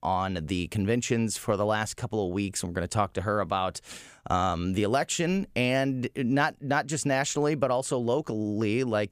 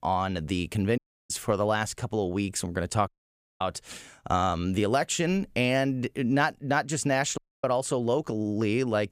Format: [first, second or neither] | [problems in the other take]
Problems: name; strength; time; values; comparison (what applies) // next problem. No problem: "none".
first | audio cutting out; at 1 s, at 3 s for 0.5 s and at 7.5 s